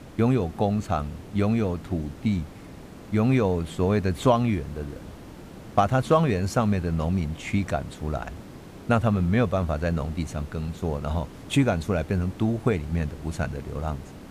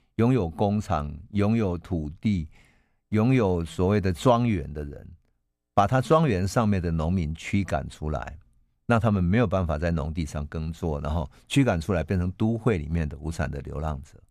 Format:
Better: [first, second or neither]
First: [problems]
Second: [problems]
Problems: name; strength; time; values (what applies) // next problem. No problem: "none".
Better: second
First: hiss; noticeable; throughout; 20 dB below the speech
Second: none